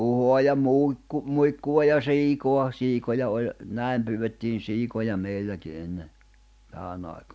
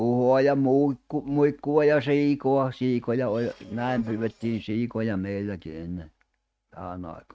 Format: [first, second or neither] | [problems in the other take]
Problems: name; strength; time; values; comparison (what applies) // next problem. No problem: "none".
first | noise reduction (neural mask model RNNoise)